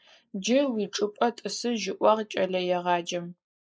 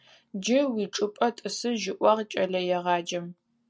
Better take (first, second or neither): second